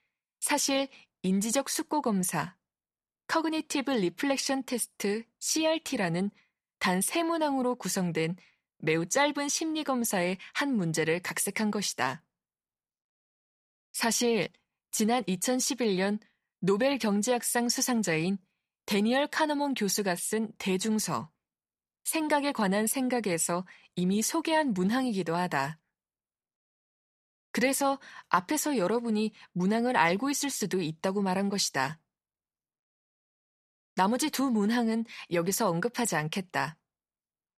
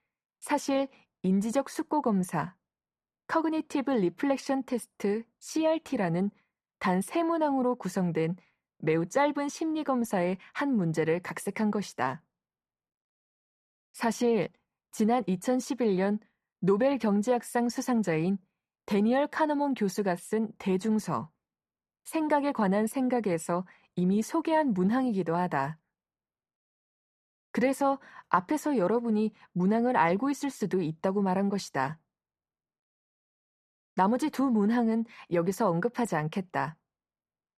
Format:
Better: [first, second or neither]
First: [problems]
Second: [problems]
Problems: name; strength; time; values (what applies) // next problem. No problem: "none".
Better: first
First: none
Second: muffled; slightly; fading above 2 kHz